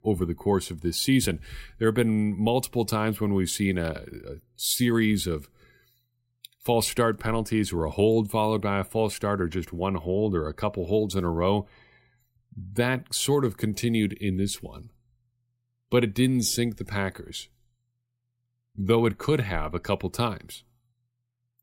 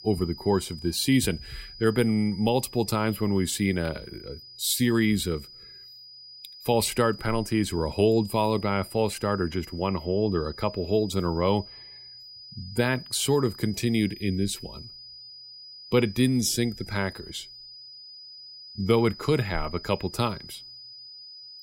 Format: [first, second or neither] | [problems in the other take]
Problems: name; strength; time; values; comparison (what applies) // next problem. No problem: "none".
first | high-pitched whine; noticeable; throughout; 5 kHz, 15 dB below the speech